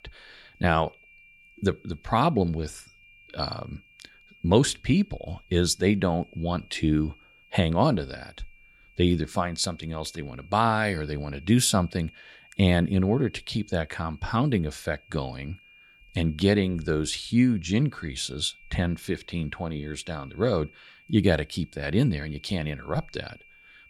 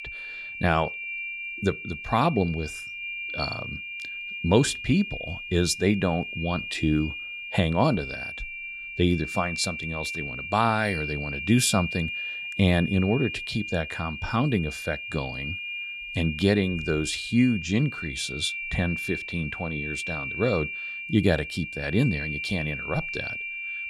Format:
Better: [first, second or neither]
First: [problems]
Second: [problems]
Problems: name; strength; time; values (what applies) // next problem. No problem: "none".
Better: first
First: high-pitched whine; faint; throughout; 2.5 kHz, 25 dB below the speech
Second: high-pitched whine; loud; throughout; 2.5 kHz, 6 dB below the speech